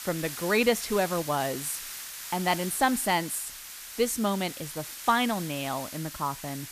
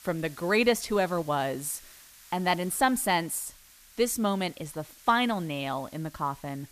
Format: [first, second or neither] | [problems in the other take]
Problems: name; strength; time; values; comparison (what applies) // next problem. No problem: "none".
second | hiss; loud; throughout; 9 dB below the speech; faint in the second